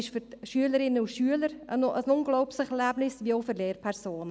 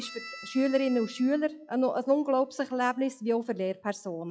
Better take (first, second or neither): first